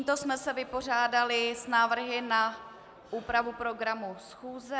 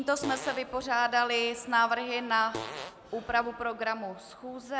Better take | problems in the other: first | background sound (Fart); 12 dB below the speech

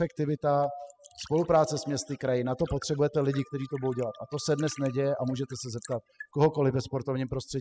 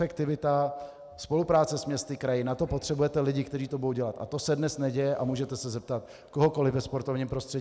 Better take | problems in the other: second | noise reduction (classical method spectral subtraction)

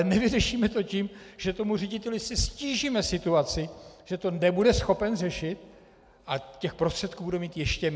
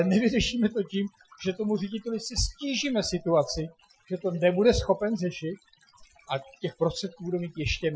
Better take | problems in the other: first | noise reduction (classical method Wiener filter)

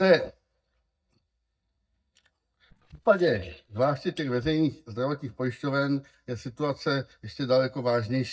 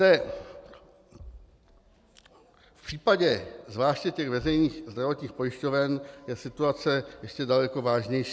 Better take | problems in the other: second | noise reduction (neural mask model DeepFilterNet 3)

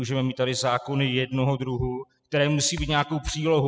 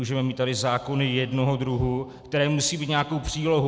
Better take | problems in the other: second | noise reduction (classical method spectral subtraction)

